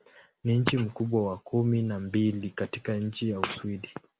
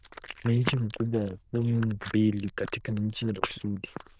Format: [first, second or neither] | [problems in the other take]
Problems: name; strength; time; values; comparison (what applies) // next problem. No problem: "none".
first | noise reduction (neural diffusion model UNIVERSE++)